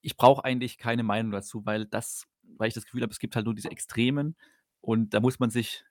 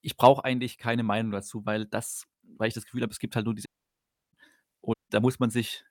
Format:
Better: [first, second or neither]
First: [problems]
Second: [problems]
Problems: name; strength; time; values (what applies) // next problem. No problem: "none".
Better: first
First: none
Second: audio cutting out; at 3.5 s for 0.5 s and at 5 s